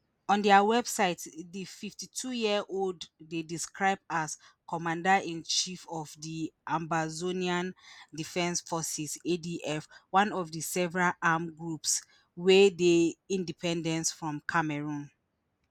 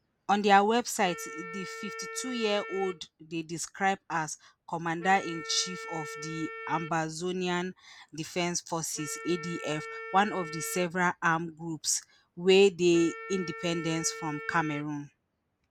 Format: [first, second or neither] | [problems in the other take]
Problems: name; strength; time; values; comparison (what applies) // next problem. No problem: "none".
first | background sound (Wind instrument, woodwind instrument); 14 dB below the speech